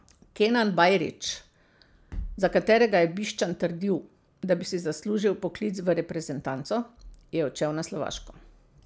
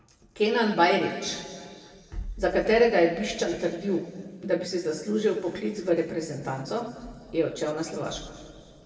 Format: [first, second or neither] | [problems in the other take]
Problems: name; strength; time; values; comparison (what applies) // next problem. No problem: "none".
first | room echo; dies away in 2 s